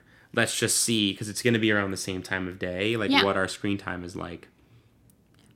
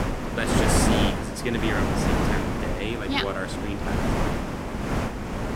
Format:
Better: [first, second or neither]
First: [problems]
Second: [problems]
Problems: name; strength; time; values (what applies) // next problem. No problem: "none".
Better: first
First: none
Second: wind noise on the microphone; heavy; 2 dB above the speech